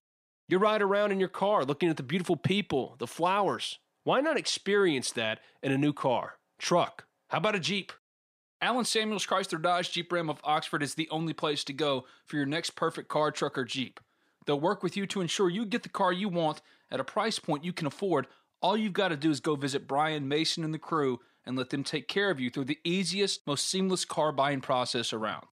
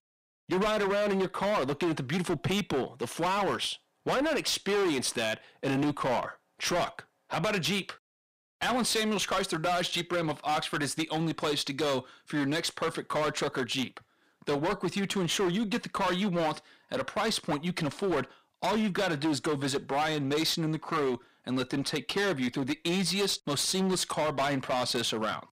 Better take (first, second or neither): first